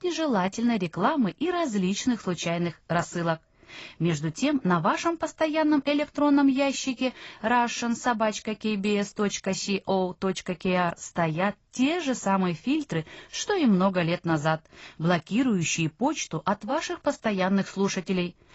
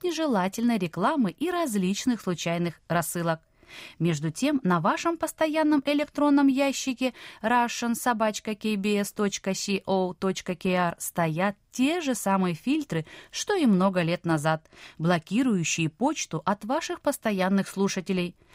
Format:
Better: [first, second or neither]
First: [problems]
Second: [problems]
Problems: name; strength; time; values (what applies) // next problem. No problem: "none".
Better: second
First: garbled, watery; badly; nothing above 7.5 kHz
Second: none